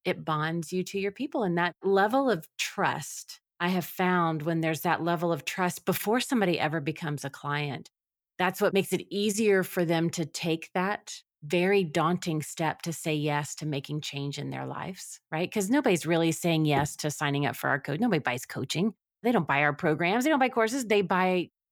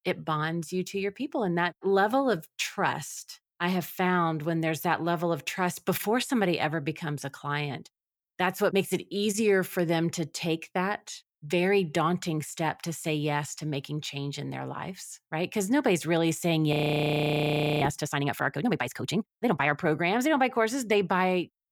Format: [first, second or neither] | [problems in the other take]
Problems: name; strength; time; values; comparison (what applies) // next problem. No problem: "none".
first | audio freezing; at 17 s for 1 s